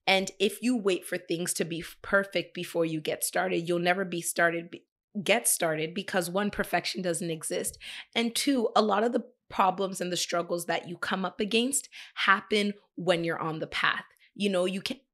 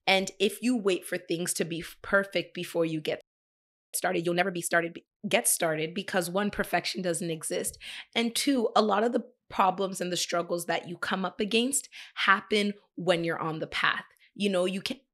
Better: first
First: none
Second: audio freezing; at 3 s for 0.5 s

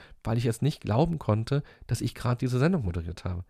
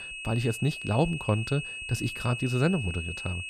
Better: first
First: none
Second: high-pitched whine; loud; throughout; 2.5 kHz, 6 dB below the speech

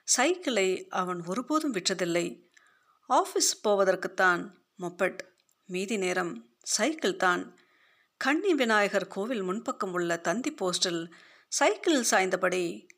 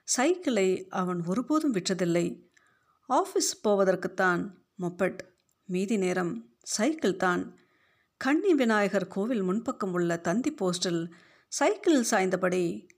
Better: second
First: thin; very slightly; fading below 550 Hz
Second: none

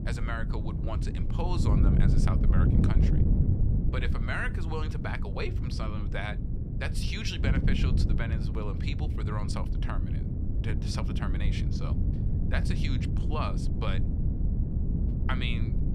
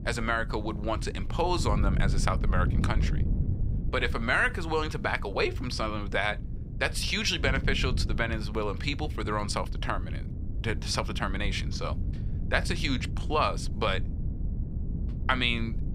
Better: second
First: wind noise on the microphone; heavy; 3 dB below the speech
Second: wind noise on the microphone; occasional gusts; 15 dB below the speech

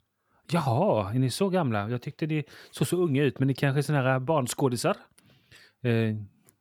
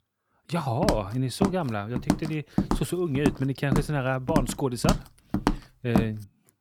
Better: first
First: none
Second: footsteps; loud; from 1 to 6 s; peak 1 dB above the speech

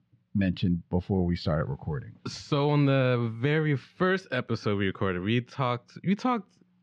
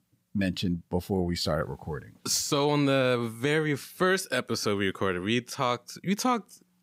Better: second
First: muffled; slightly; fading above 3.5 kHz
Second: none

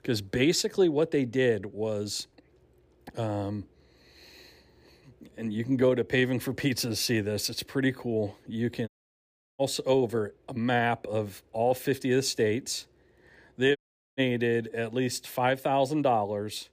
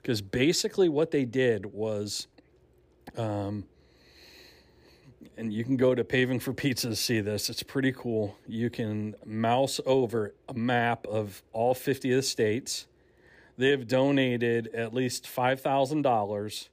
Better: second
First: audio cutting out; at 9 s for 0.5 s and at 14 s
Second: none

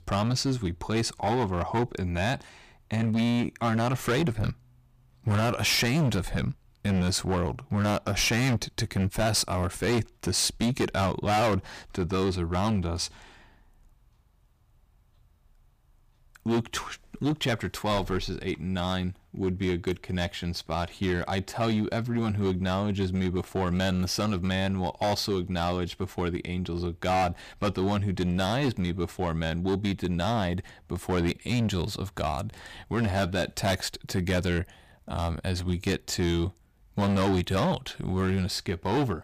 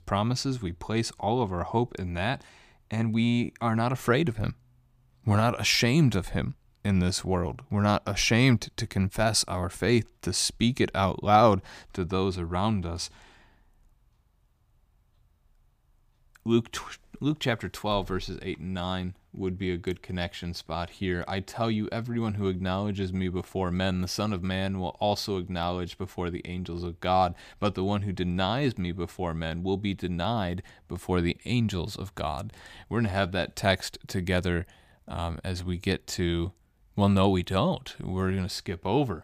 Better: second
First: distortion; heavy; 11% of the sound clipped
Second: none

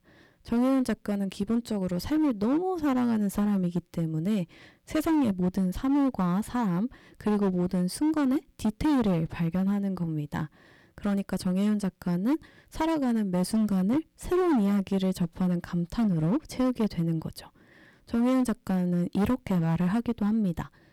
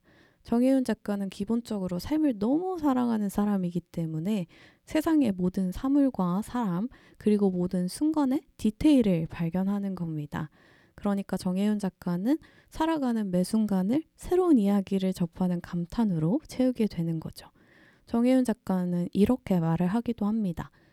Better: second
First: distortion; slight; 12% of the sound clipped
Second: none

